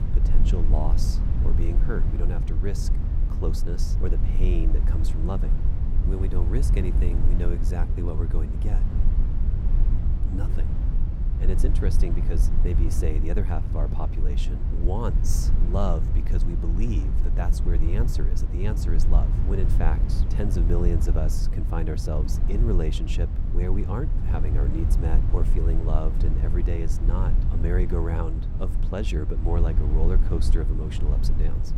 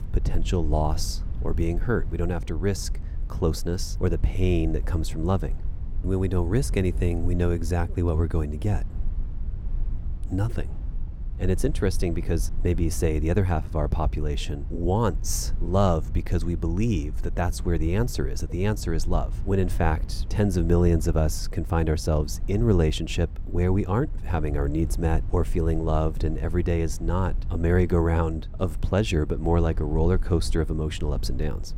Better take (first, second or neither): second